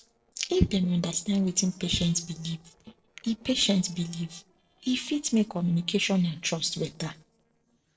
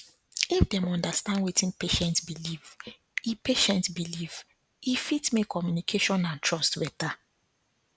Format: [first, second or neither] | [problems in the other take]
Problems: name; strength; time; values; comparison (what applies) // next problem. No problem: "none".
second | noise reduction (neural separator model SepFormer DNS4)